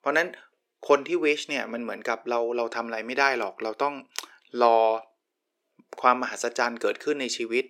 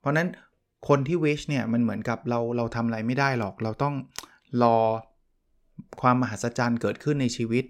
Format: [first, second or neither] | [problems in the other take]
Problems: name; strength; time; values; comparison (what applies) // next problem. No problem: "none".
second | thin; somewhat; fading below 350 Hz